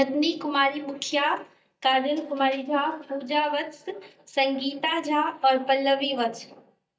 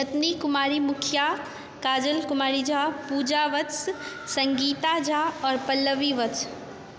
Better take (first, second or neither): second